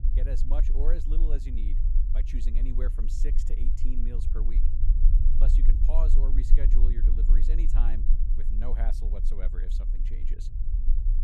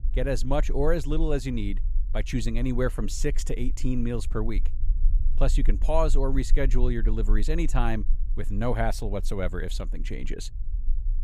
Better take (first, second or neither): second